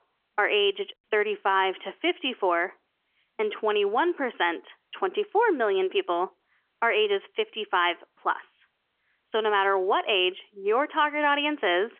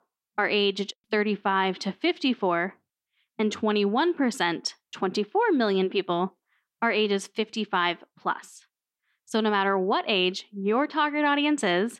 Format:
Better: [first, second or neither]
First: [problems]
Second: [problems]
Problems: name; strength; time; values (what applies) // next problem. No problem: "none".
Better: second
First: phone-call audio; nothing above 3.5 kHz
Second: none